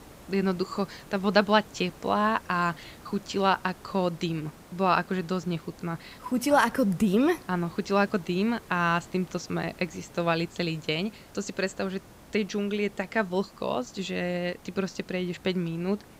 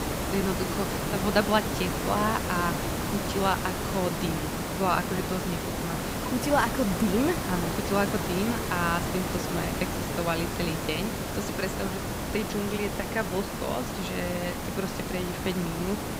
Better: first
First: hiss; faint; throughout; 20 dB below the speech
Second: hiss; loud; throughout; 1 dB below the speech

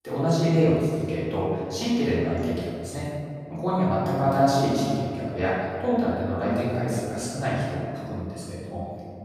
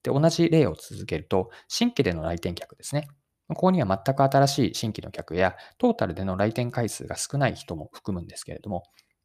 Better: second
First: off-mic speech; far // room echo; strong; dies away in 2.2 s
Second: none

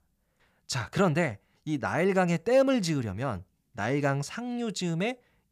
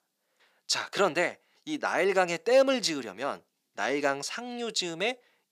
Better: first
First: none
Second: thin; somewhat; fading below 300 Hz

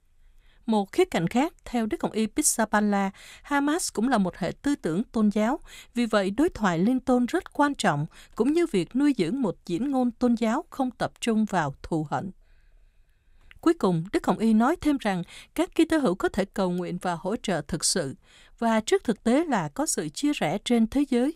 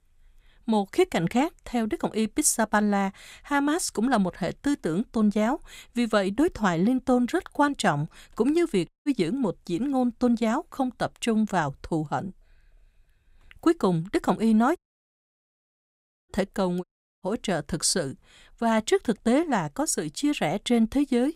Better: first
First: none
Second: audio cutting out; at 9 s, at 15 s for 1.5 s and at 17 s

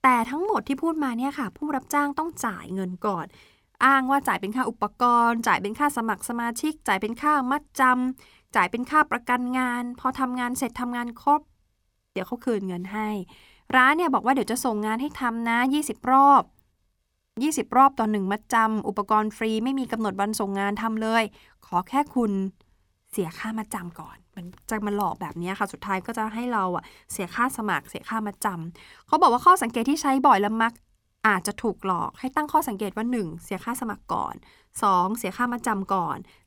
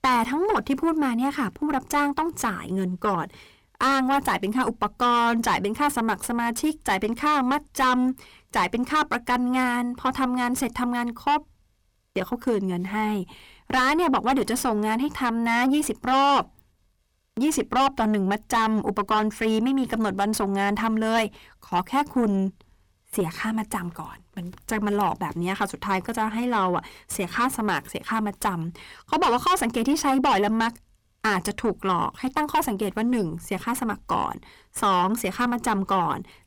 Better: first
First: none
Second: distortion; heavy; 6 dB below the speech

